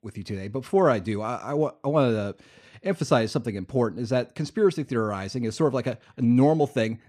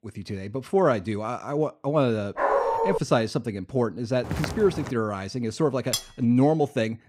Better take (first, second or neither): first